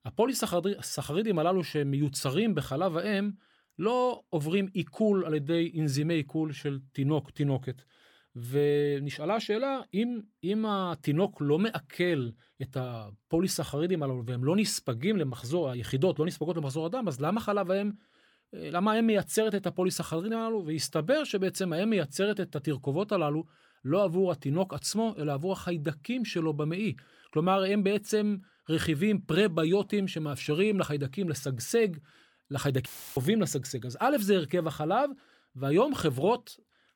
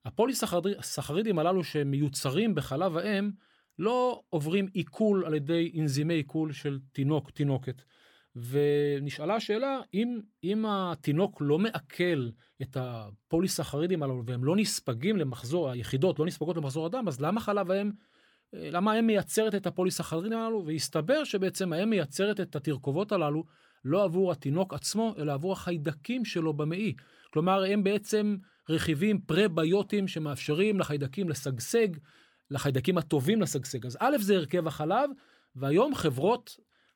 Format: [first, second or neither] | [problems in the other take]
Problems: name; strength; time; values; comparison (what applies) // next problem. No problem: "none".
second | audio cutting out; filled with static; at 33 s